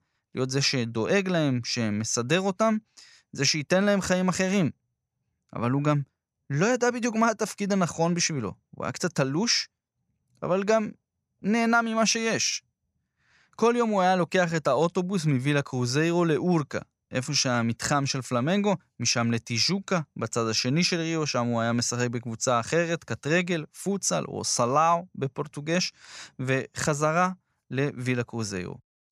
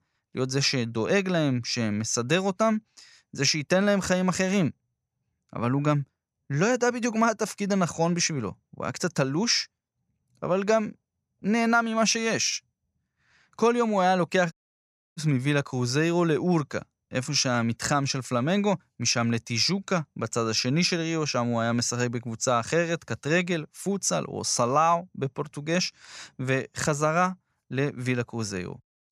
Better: first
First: none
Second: audio cutting out; at 15 s for 0.5 s

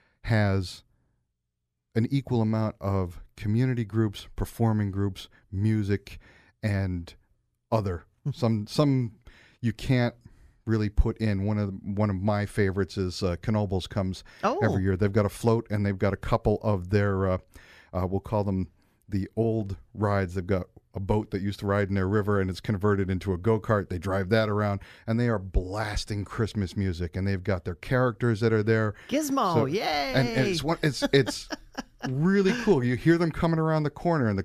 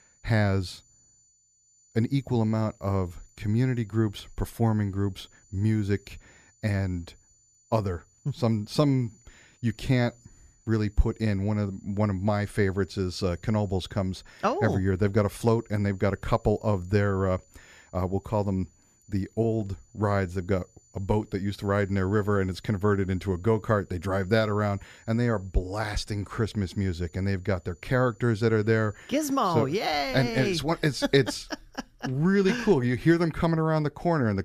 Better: first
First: none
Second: high-pitched whine; faint; until 30 s; 7 kHz, 30 dB below the speech

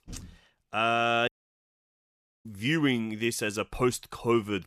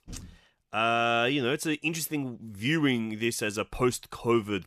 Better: second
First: audio cutting out; at 1.5 s for 1 s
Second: none

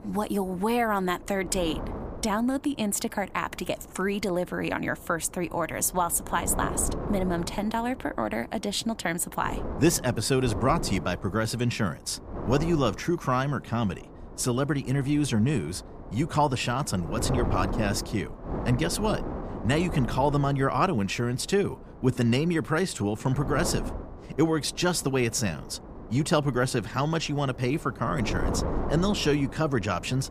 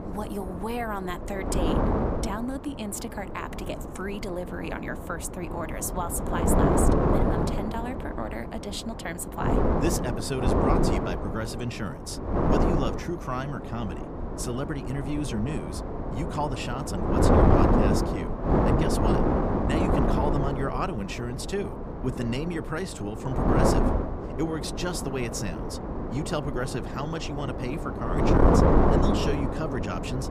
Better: first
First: wind noise on the microphone; occasional gusts; 10 dB below the speech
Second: wind noise on the microphone; heavy; 4 dB above the speech

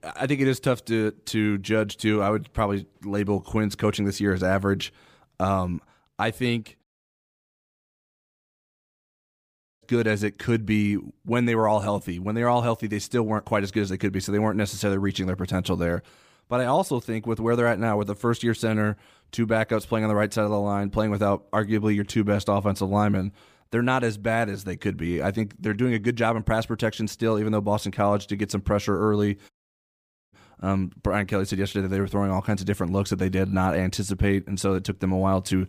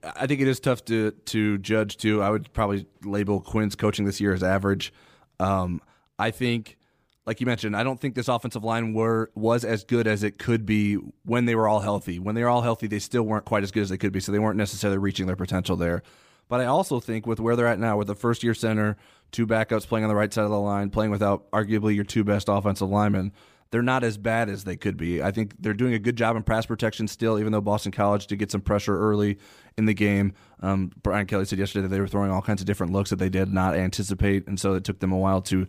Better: second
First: audio cutting out; at 7 s for 3 s and at 30 s for 1 s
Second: none

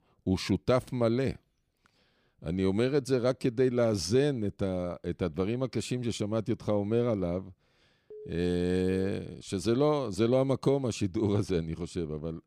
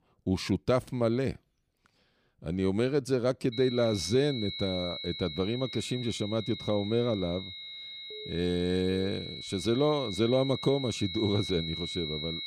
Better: first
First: none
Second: high-pitched whine; loud; from 3.5 s on; 4 kHz, 8 dB below the speech

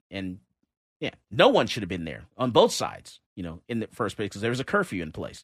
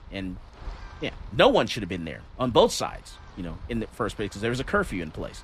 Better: first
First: none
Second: wind noise on the microphone; occasional gusts; 25 dB below the speech

